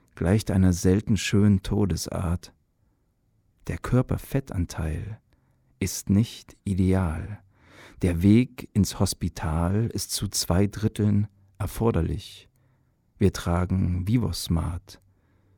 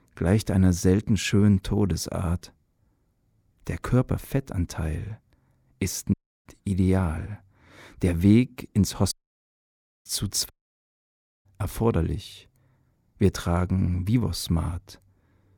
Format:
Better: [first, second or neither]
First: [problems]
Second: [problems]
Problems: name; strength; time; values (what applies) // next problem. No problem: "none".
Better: first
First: none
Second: audio cutting out; at 6 s, at 9 s for 1 s and at 11 s for 1 s